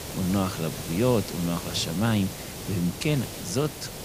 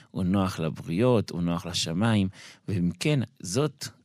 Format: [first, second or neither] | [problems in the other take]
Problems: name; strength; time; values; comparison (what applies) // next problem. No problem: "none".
second | hiss; loud; throughout; 8 dB below the speech